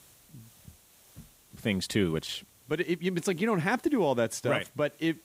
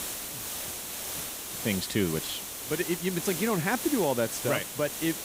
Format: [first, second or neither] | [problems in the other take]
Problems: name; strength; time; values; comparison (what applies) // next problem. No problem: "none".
first | hiss; loud; throughout; 4 dB below the speech; faint in the first